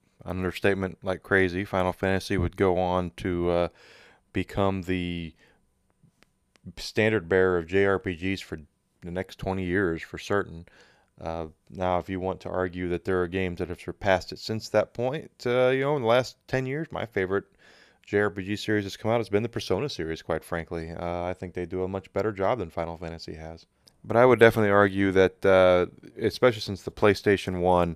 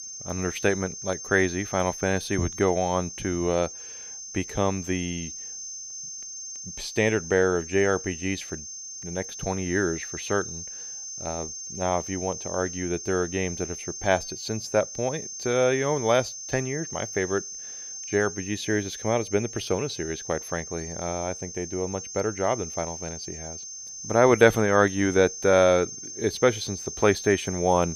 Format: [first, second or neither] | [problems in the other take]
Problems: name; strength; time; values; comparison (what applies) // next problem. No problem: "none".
first | high-pitched whine; loud; throughout; 6.5 kHz, 9 dB below the speech